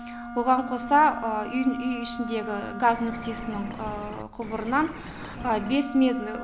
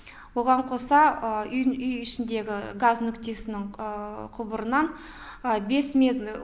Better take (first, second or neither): second